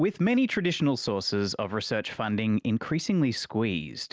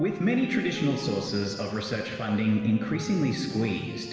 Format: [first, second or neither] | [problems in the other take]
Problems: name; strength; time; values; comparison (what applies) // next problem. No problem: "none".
first | background sound (Wind instrument, woodwind instrument); 15 dB below the speech // room echo; dies away in 1.6 s